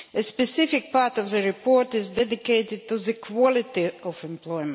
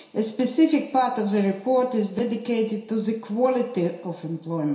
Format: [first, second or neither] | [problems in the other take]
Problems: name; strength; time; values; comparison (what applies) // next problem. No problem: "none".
first | room echo; dies away in 0.7 s